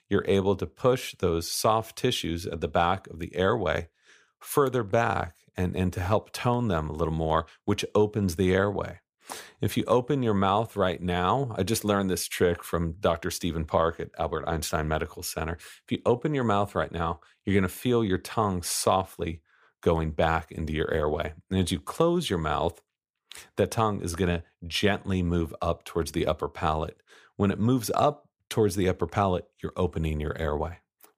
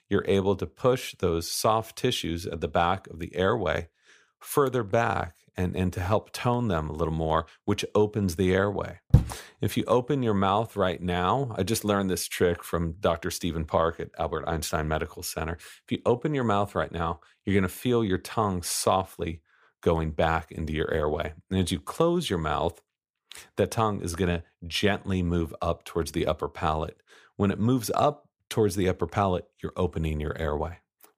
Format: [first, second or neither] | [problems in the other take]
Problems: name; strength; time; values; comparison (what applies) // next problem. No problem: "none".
first | door banging; loud; at 9 s; peak 4 dB above the speech